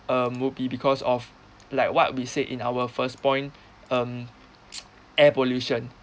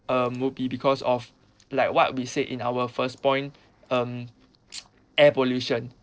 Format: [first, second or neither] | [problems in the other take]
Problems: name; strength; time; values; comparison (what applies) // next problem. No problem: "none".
first | noise reduction (neural separator model SepFormer DNS4)